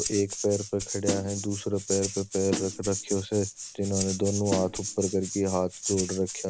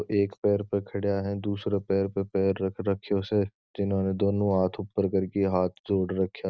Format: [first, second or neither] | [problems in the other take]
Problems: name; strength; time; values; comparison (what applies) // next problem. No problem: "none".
second | background sound (Snare drum + Rattle (instrument)); 6 dB below the speech